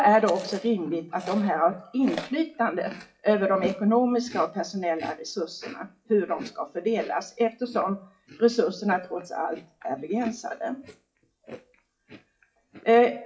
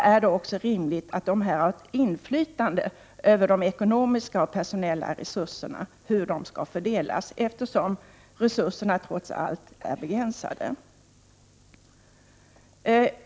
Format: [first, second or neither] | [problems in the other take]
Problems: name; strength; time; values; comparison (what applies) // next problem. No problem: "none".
second | noise reduction (classical method WPE with log-MMSE)